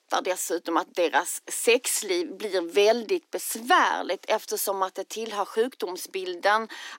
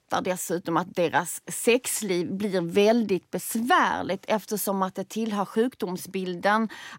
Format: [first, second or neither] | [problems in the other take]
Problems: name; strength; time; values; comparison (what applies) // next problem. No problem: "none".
second | thin; somewhat; fading below 300 Hz